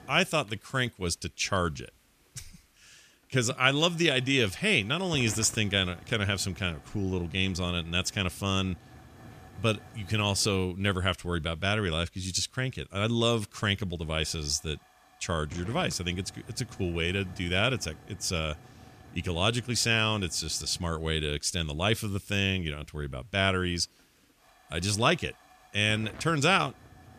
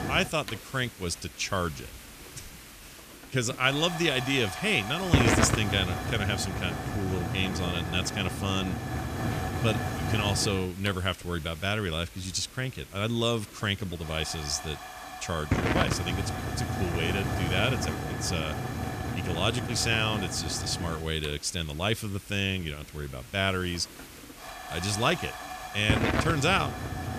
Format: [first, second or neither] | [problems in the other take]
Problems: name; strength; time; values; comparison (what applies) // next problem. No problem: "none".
first | hiss; loud; throughout; 3 dB below the speech; faint in the first